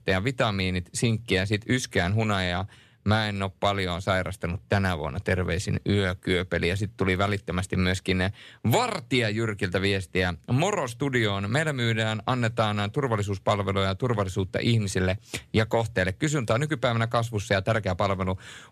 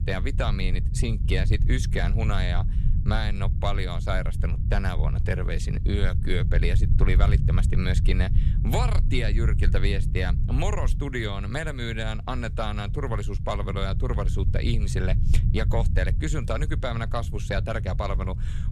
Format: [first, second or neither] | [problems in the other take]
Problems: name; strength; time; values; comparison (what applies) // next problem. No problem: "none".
first | low rumble; noticeable; throughout; 10 dB below the speech